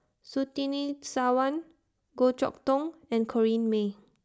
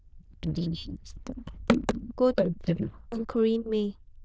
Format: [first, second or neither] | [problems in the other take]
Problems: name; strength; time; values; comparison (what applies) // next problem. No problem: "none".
first | noise reduction (neural diffusion model UNIVERSE++)